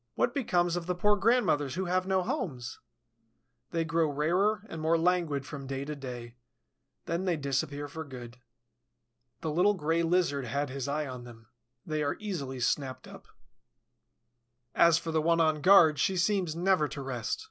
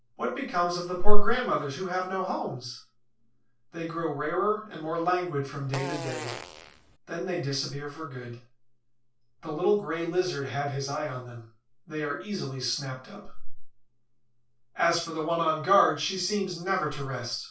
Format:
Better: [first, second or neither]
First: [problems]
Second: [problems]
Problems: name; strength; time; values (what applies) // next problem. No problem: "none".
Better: first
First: none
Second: background sound (Fart); 14 dB below the speech // room echo; dies away in 0.3 s